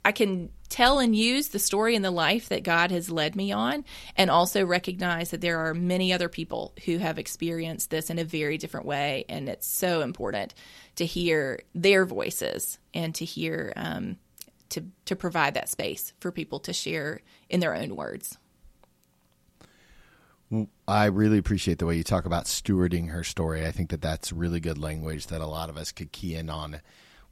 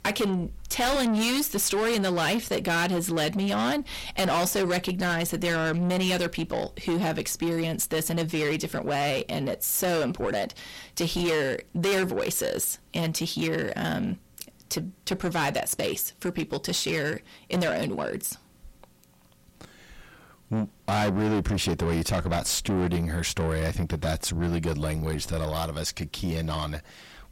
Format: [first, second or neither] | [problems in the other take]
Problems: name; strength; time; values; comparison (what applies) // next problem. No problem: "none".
first | distortion; heavy; 6 dB below the speech